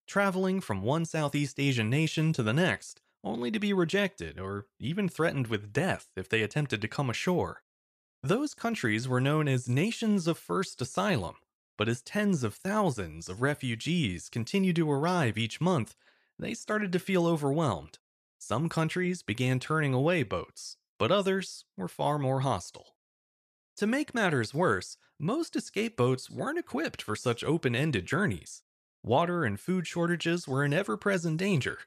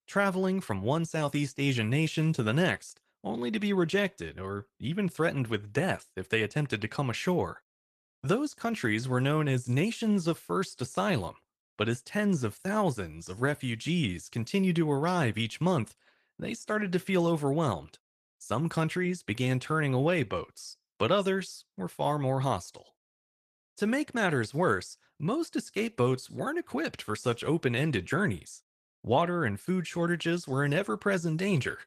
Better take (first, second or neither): first